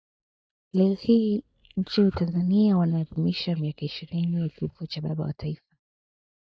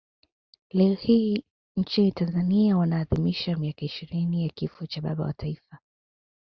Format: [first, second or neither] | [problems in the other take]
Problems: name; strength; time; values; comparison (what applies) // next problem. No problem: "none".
second | noise reduction (neural mask model DeepFilterNet 3)